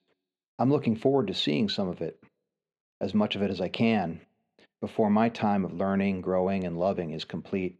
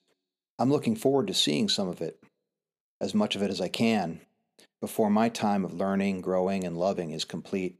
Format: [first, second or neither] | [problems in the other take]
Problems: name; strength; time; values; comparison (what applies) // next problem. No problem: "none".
second | muffled; slightly; fading above 2.5 kHz